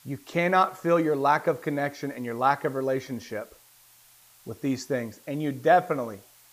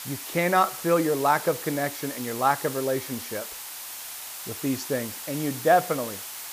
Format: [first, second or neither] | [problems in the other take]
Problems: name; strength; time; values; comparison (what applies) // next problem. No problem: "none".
first | hiss; loud; throughout; 9 dB below the speech; faint in the first